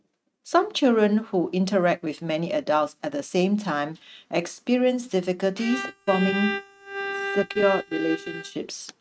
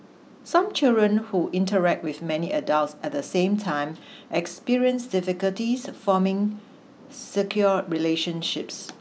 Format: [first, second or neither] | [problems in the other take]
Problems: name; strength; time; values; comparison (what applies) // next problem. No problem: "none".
second | noise reduction (neural mask model RNNoise)